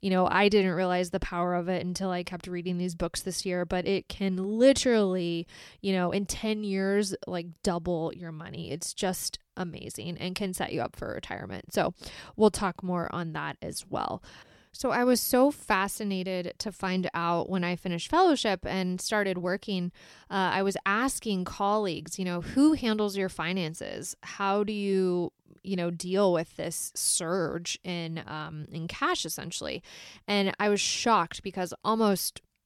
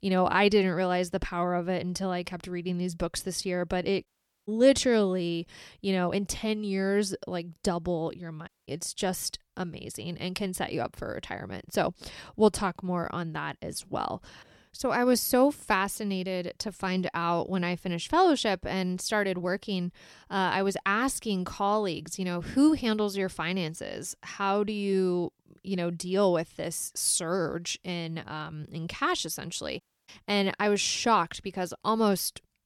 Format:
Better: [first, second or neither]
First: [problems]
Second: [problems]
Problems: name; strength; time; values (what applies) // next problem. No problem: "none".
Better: first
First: none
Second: audio cutting out; at 4 s, at 8.5 s and at 30 s